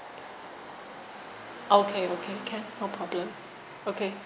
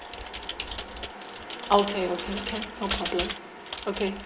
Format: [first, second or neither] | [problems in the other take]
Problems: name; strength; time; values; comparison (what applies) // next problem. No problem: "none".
first | background sound (Computer keyboard); 7 dB below the speech // room echo; dies away in 0.3 s